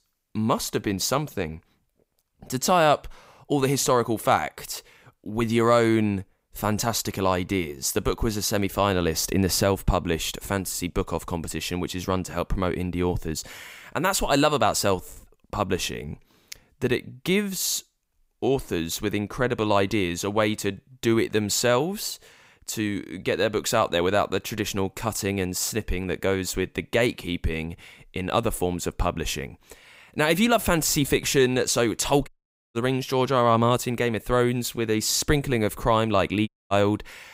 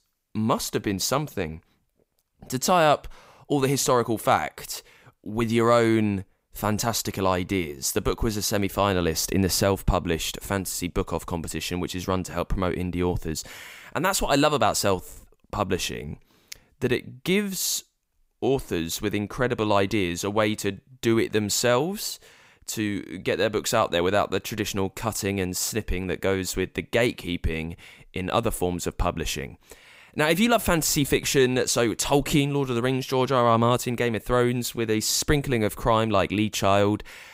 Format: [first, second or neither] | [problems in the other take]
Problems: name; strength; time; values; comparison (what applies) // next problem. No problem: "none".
second | audio cutting out; at 32 s and at 36 s